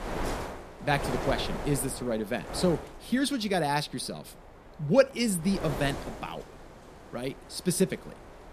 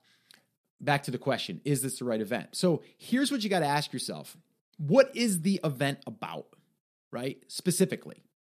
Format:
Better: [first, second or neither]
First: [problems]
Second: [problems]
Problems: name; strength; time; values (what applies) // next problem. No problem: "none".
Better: second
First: wind noise on the microphone; heavy; 9 dB below the speech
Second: none